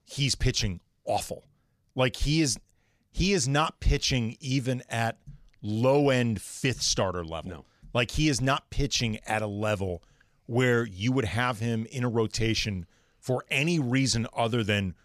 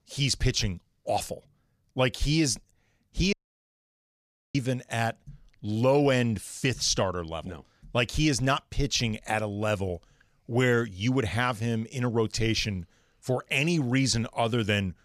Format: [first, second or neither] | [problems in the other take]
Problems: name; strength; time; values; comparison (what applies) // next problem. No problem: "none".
first | audio cutting out; at 3.5 s for 1 s